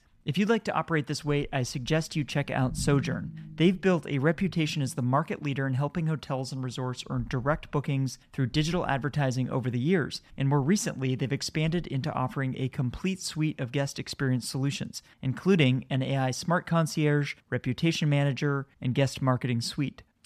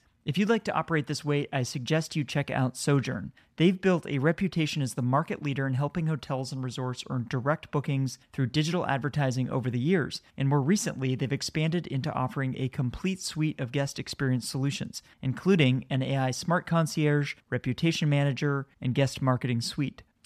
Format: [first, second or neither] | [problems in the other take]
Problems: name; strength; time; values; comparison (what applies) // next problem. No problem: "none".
second | low rumble; faint; throughout; 25 dB below the speech